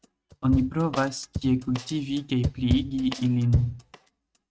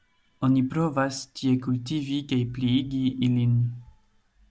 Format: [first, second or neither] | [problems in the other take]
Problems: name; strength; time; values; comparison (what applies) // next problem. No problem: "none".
second | noise reduction (neural mask model RNNoise)